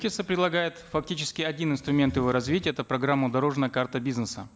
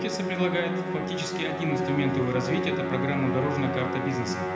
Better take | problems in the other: first | background sound (Musical instrument); as loud as the speech // room echo; dies away in 0.8 s

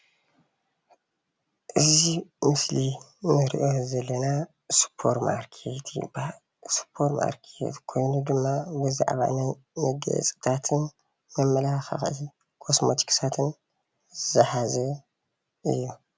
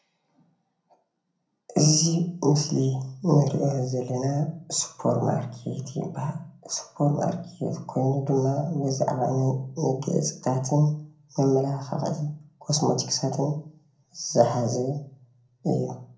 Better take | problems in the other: first | room echo; dies away in 0.6 s

